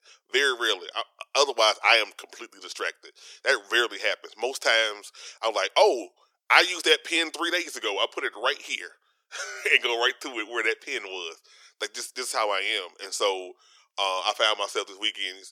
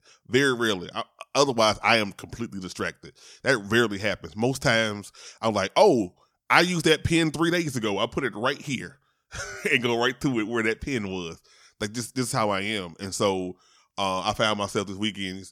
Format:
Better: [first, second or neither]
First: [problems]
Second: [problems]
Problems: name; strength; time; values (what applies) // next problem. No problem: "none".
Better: second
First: thin; very; fading below 400 Hz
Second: none